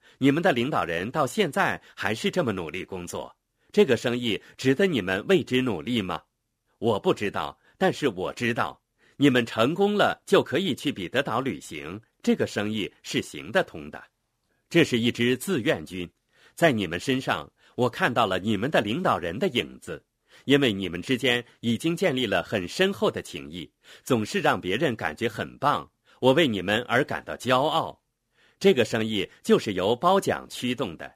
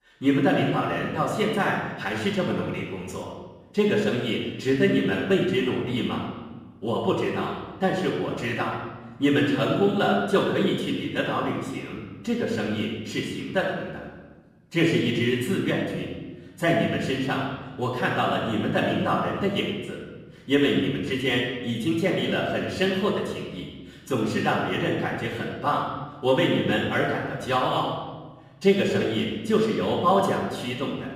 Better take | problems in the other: first | off-mic speech; far // room echo; noticeable; dies away in 1.3 s

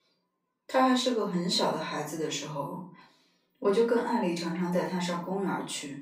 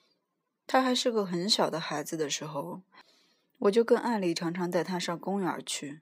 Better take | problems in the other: second | off-mic speech; far // room echo; slight; dies away in 0.4 s

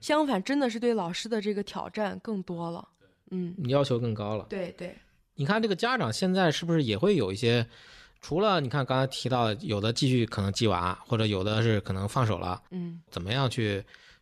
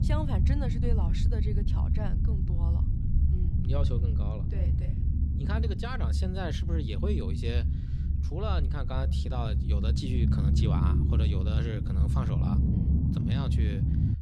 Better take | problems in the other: first | low rumble; loud; throughout; 1 dB below the speech

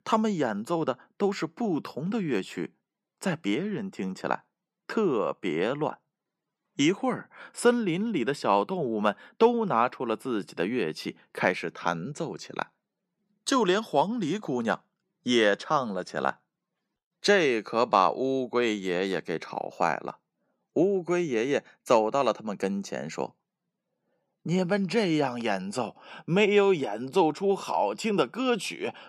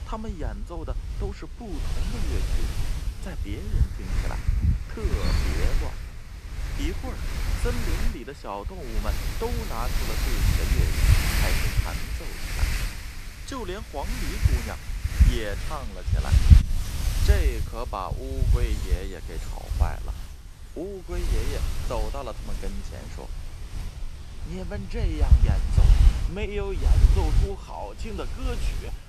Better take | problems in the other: first | wind noise on the microphone; heavy; 1 dB above the speech

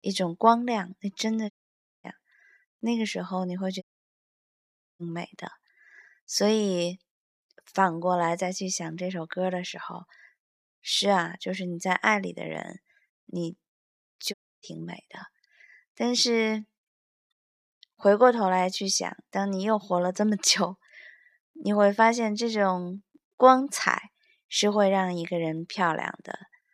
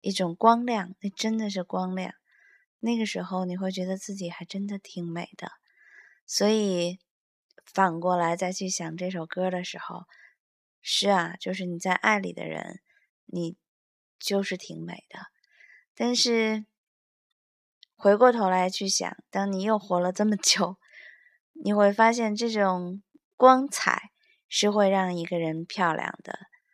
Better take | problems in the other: second | audio cutting out; at 1.5 s for 0.5 s, at 4 s for 1 s and at 14 s

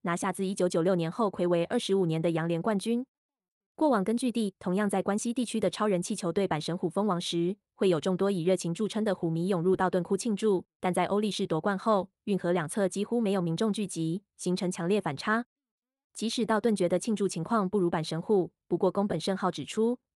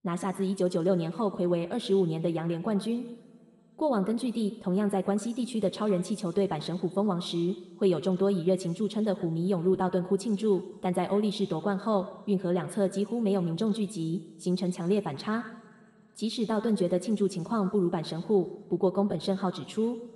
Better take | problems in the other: first | room echo; very slight; dies away in 1.7 s

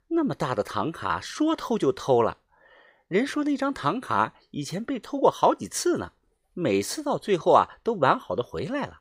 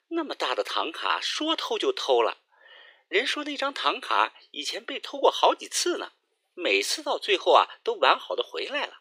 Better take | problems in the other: first | thin; somewhat; fading below 350 Hz

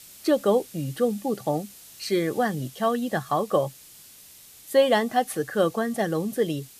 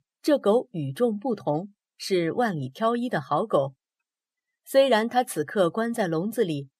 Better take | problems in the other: second | hiss; noticeable; throughout; 20 dB below the speech

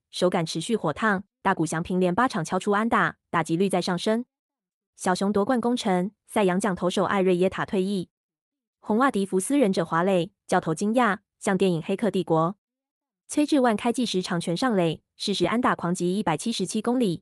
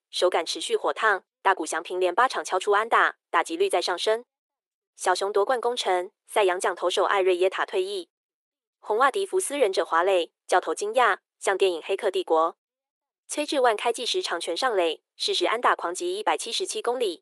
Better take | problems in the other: first | thin; very; fading below 400 Hz

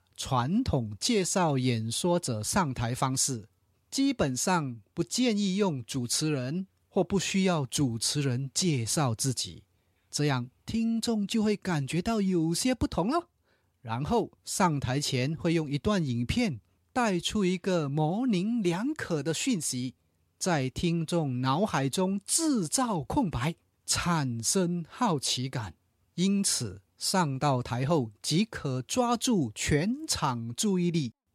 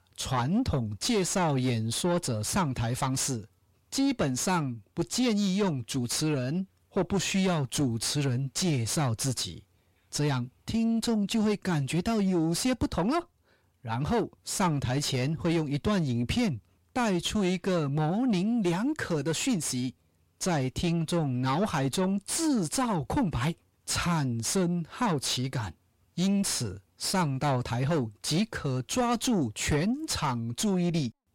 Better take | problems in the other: first | distortion; slight; 9 dB below the speech

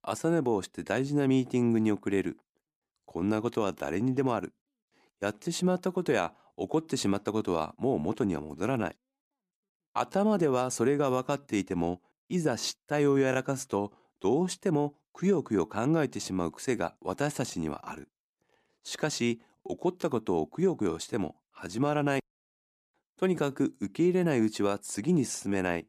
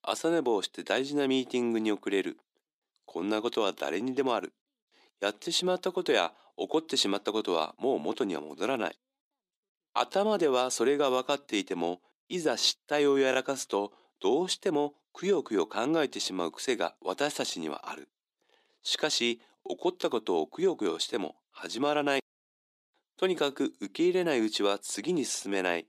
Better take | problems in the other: first | thin; very slightly; fading below 400 Hz

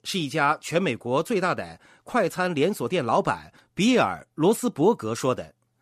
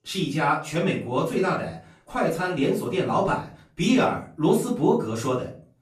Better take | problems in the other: first | off-mic speech; far // room echo; slight; dies away in 0.3 s

